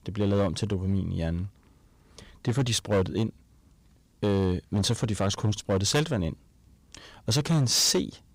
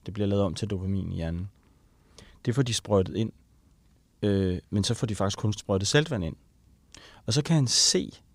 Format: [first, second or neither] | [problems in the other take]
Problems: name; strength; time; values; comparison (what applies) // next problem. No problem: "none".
second | distortion; slight; 7% of the sound clipped